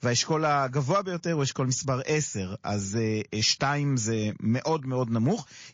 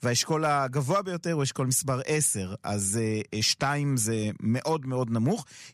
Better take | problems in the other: second | garbled, watery; slightly

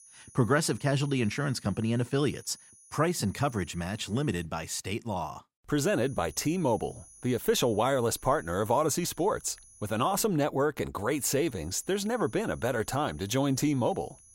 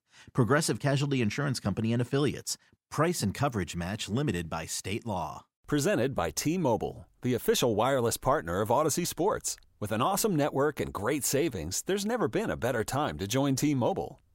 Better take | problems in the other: second | high-pitched whine; faint; until 4.5 s, from 6 to 10 s and from 11 s on; 10.5 kHz, 25 dB below the speech

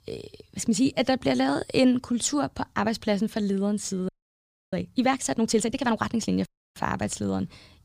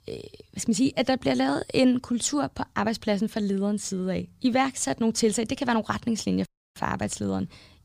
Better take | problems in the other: second | audio freezing; at 4 s for 0.5 s

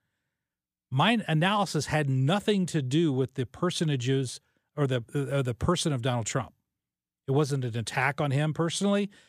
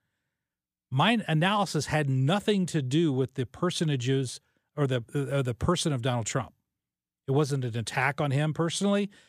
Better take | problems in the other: neither | none

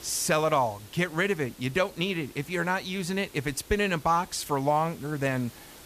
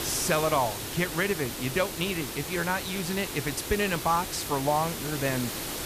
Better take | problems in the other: first | hiss; loud; throughout; 5 dB below the speech; faint in the first

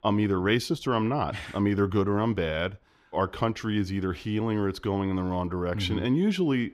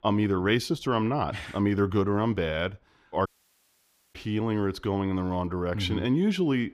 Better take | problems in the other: first | audio cutting out; at 3.5 s for 1 s

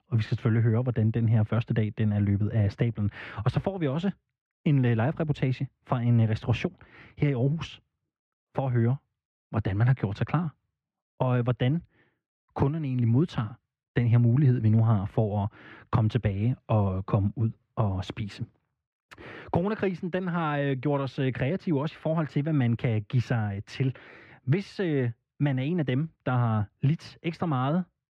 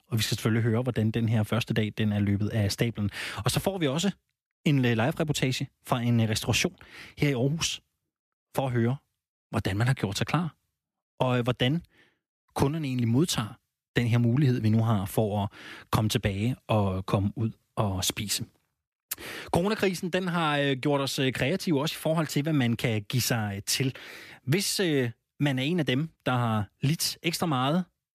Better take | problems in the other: second | muffled; very; fading above 2 kHz

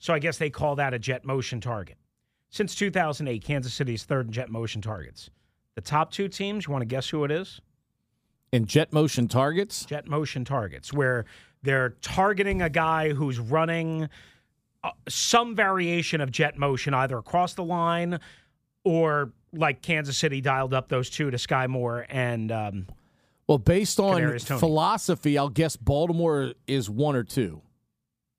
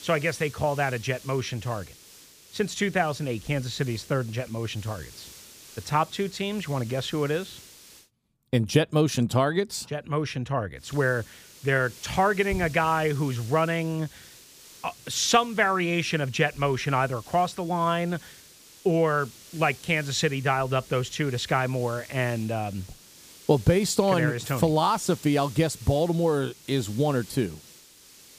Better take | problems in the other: first | hiss; noticeable; until 8 s and from 11 s on; 20 dB below the speech

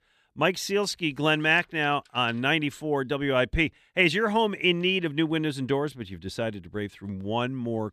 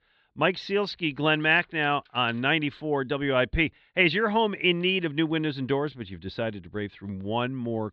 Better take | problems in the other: first | muffled; very slightly; fading above 4 kHz

